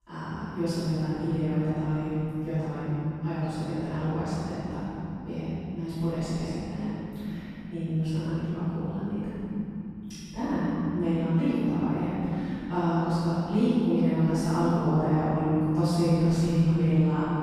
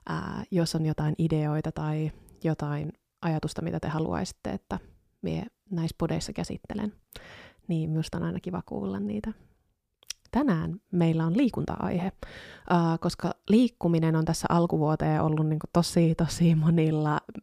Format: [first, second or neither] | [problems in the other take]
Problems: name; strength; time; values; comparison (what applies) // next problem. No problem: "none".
second | off-mic speech; far // room echo; strong; dies away in 3 s